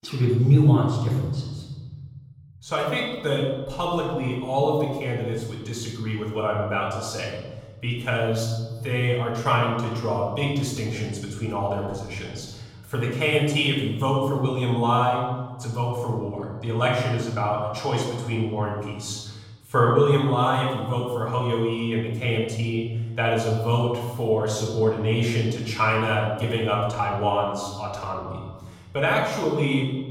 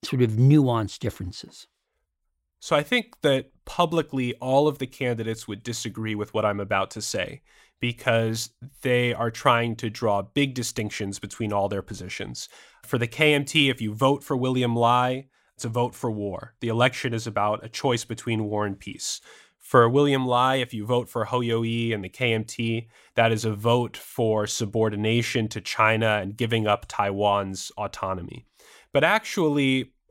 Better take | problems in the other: second | off-mic speech; far // room echo; noticeable; dies away in 1.7 s

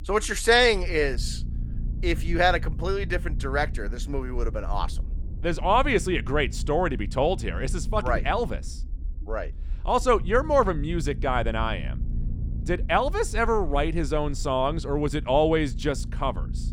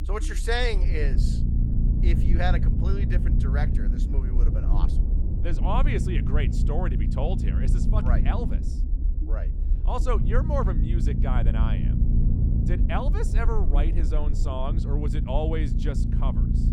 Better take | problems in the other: first | low rumble; loud; throughout; 6 dB below the speech; faint in the first

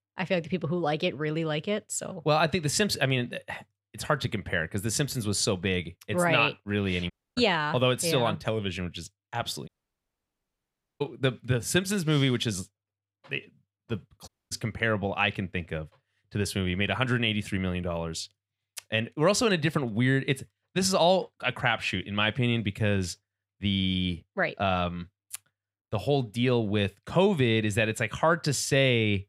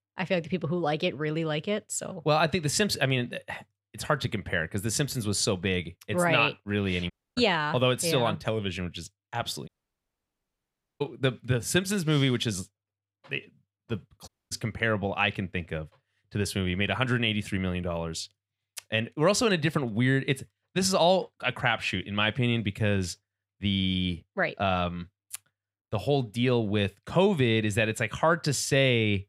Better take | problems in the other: neither | audio cutting out; at 7 s, at 9.5 s for 1.5 s and at 14 s; the same in both

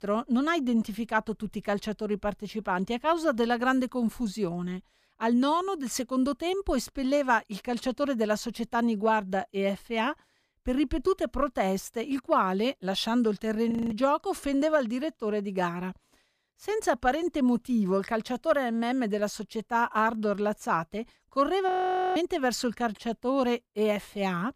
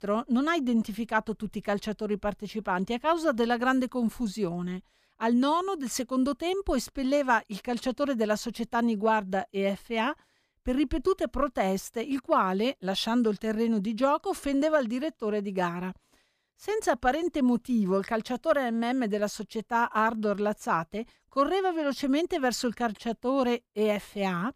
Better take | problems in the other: second | audio freezing; at 14 s and at 22 s

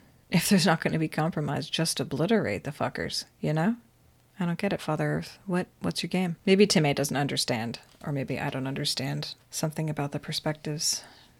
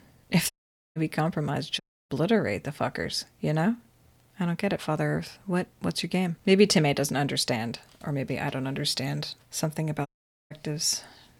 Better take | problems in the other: first | audio cutting out; at 0.5 s, at 2 s and at 10 s

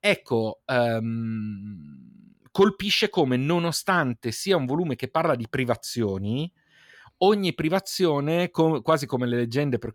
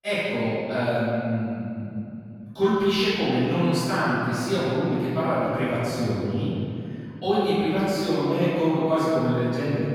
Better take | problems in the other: first | off-mic speech; far // room echo; strong; dies away in 2.6 s

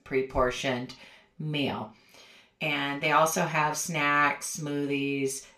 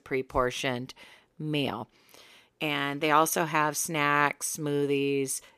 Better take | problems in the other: second | room echo; very slight; dies away in 0.3 s // off-mic speech; somewhat distant

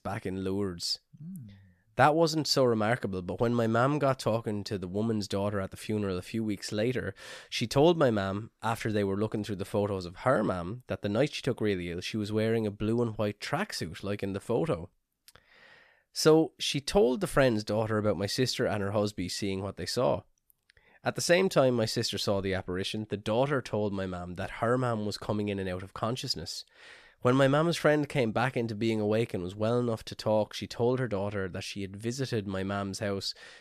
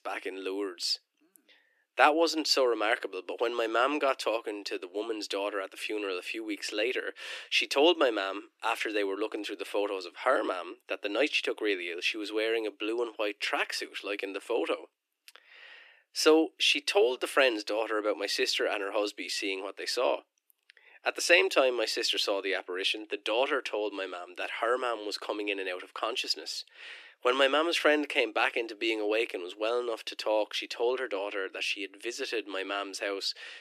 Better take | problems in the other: first | thin; very; fading below 300 Hz

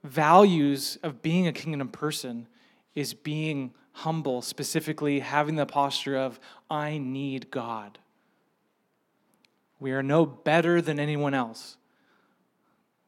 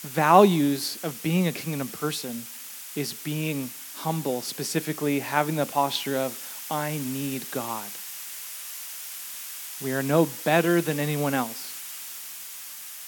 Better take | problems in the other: first | hiss; loud; throughout; 10 dB below the speech

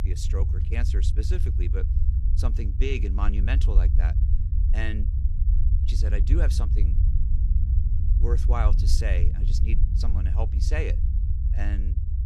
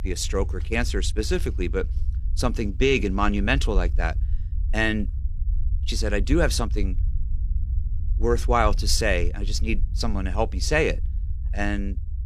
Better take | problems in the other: second | low rumble; loud; throughout; 7 dB below the speech; faint in the second

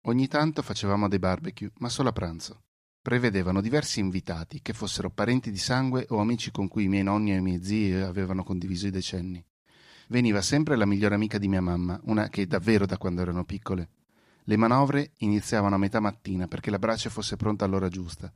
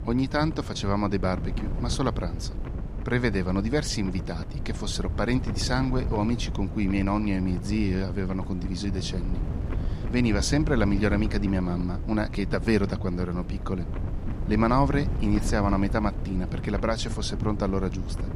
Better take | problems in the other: first | wind noise on the microphone; occasional gusts; 10 dB below the speech

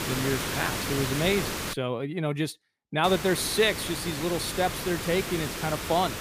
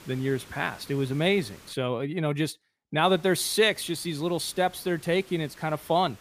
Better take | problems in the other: second | hiss; loud; until 1.5 s and from 3 s on; 4 dB below the speech; faint in the second

